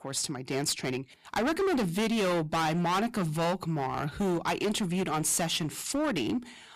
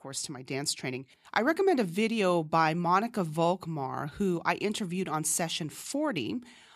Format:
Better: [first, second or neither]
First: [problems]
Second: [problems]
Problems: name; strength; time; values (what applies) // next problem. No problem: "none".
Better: second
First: distortion; heavy; 19% of the sound clipped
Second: none